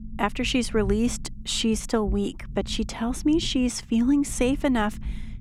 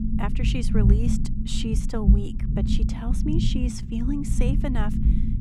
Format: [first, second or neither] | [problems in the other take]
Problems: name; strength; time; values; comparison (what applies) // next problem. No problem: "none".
first | low rumble; loud; throughout; 2 dB below the speech; faint in the first